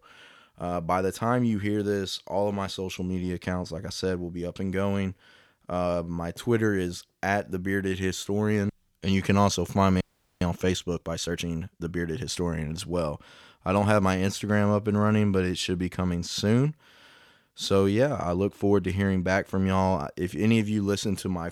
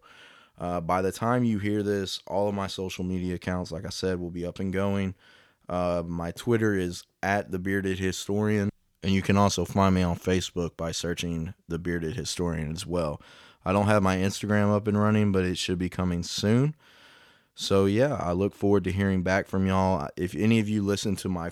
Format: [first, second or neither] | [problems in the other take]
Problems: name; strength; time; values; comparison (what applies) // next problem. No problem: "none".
second | audio freezing; at 10 s